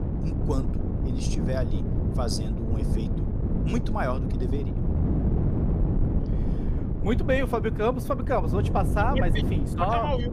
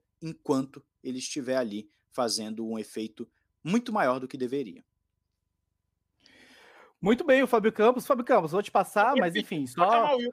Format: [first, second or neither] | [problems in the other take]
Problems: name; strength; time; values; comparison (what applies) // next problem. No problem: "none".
second | wind noise on the microphone; heavy; 8 dB below the speech